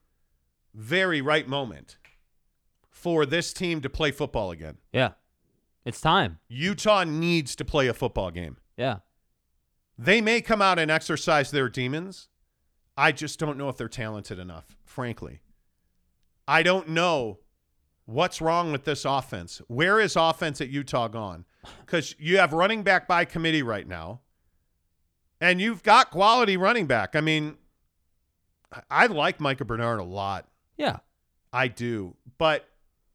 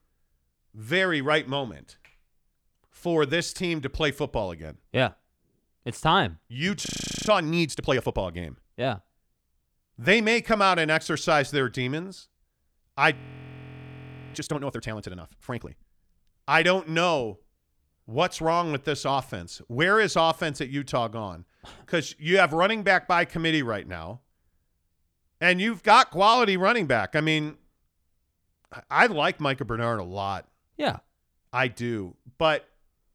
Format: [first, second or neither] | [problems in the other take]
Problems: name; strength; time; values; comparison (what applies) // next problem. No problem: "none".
first | audio freezing; at 7 s and at 13 s for 1 s